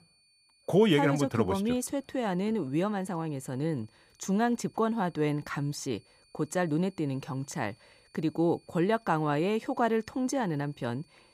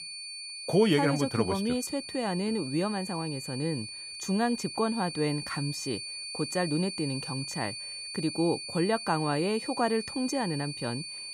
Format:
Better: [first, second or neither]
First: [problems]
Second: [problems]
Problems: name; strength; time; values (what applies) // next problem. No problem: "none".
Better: first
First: high-pitched whine; faint; throughout; 4.5 kHz, 35 dB below the speech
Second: high-pitched whine; loud; throughout; 4.5 kHz, 7 dB below the speech